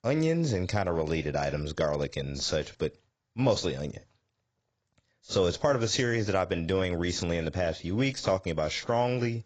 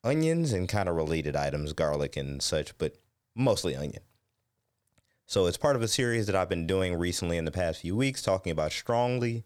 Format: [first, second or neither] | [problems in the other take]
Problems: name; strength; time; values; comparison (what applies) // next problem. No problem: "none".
second | garbled, watery; badly; nothing above 7.5 kHz